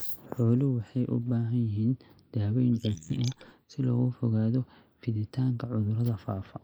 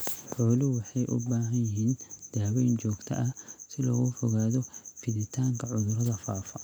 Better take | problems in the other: second | noise reduction (neural mask model Resemble Enhance denoiser)

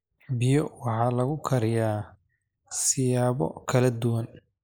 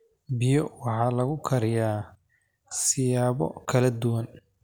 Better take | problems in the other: second | noise reduction (neural mask model Resemble Enhance denoiser)

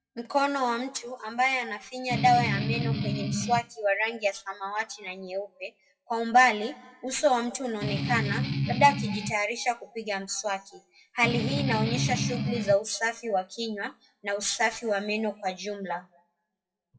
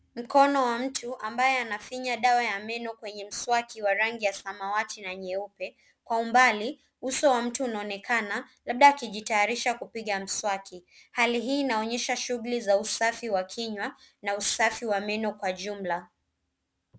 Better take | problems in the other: second | noise reduction (classical method WPE with log-MMSE)

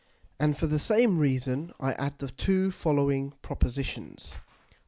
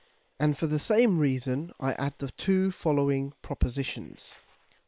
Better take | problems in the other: first | noise reduction (neural separator model SepFormer WHAM!)

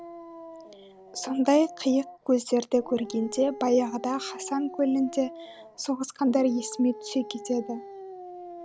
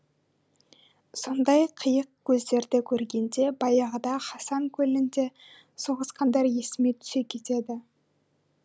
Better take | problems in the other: second | background sound (Dog); 15 dB below the speech

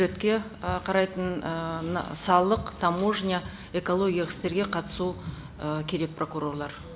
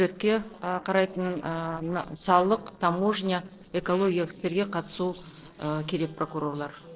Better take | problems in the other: first | noise reduction (neural separator model SepFormer DNS4)

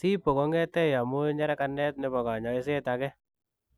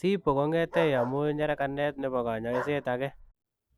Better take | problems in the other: first | background sound (Bark); 11 dB below the speech

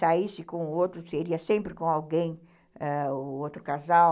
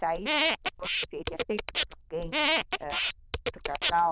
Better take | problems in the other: first | noise reduction (neural diffusion model UNIVERSE++)

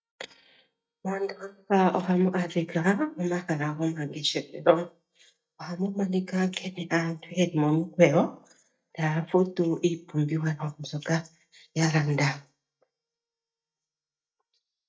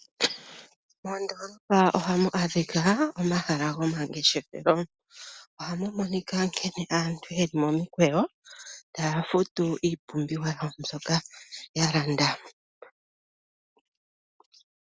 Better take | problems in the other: second | noise reduction (neural mask model DeepFilterNet 3)

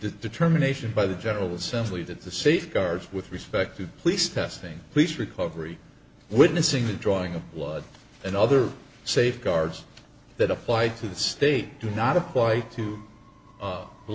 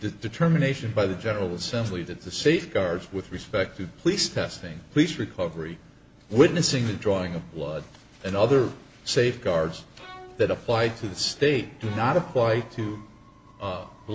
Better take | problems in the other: first | background sound (Bowed string instrument); 20 dB below the speech

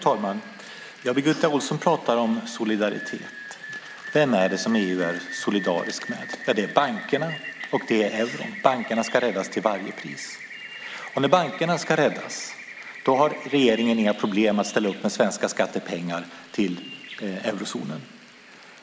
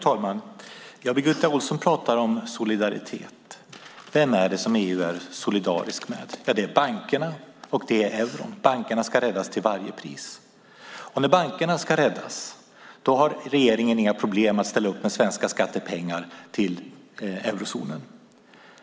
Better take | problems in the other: second | background sound (Rain); 14 dB below the speech

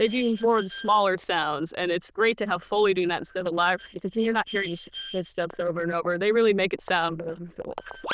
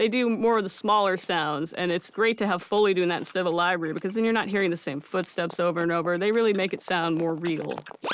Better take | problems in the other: second | noise reduction (neural diffusion model UNIVERSE++)

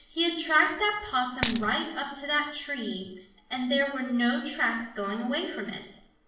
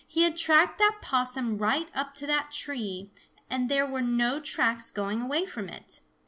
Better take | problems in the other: second | background sound (Coin (dropping)); 2 dB below the speech // room echo; dies away in 0.6 s

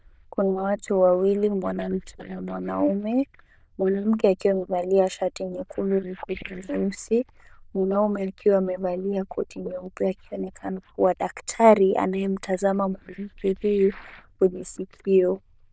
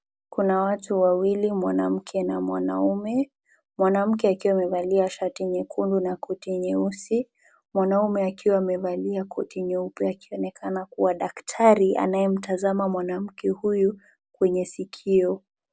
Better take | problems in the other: second | noise reduction (neural diffusion model UNIVERSE++)

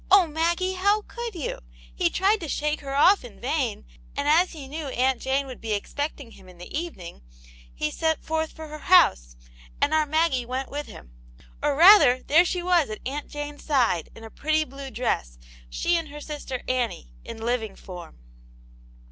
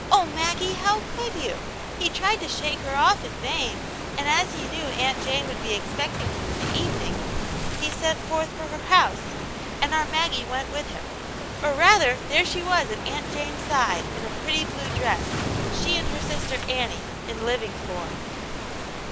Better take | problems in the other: first | background sound (Waves, surf); 4 dB below the speech

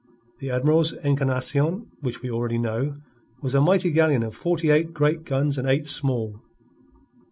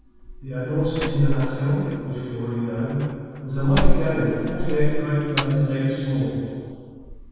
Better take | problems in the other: first | background sound (Slam); 1 dB below the speech // room echo; dies away in 2.1 s

